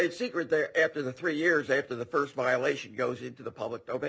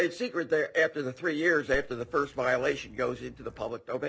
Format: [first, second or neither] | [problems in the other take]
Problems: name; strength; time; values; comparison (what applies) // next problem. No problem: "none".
first | background sound (Dog); 16 dB below the speech